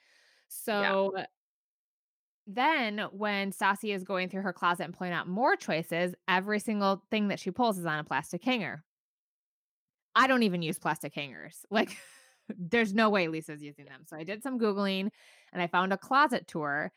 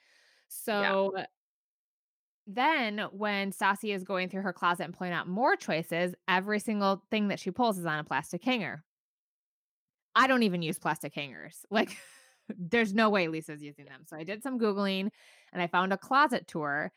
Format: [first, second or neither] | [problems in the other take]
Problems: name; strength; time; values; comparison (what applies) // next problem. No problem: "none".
neither | none